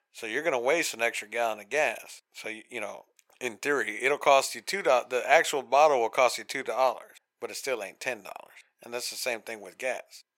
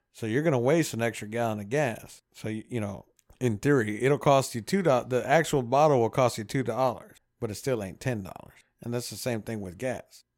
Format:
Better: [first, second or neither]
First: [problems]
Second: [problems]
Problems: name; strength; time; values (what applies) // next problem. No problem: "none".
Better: second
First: thin; very; fading below 650 Hz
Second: none